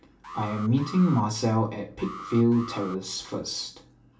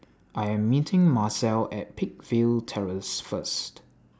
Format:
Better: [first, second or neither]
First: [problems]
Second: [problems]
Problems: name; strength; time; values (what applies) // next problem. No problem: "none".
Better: second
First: background sound (Alarm); 15 dB below the speech // room echo; dies away in 0.3 s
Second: none